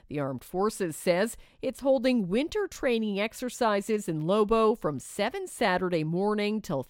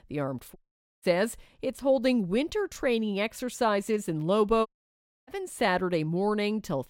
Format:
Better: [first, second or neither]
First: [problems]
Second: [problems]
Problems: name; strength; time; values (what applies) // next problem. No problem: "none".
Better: first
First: none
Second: audio cutting out; at 0.5 s and at 4.5 s for 0.5 s